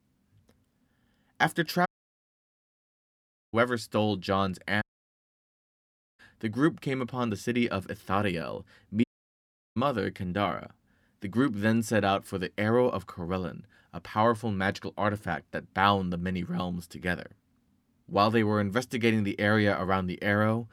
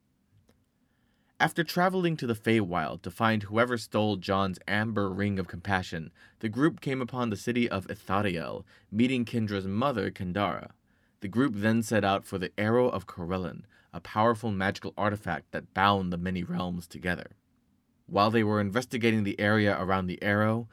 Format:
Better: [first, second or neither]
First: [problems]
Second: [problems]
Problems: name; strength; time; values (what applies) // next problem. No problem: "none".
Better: second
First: audio cutting out; at 2 s for 1.5 s, at 5 s for 1.5 s and at 9 s for 0.5 s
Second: none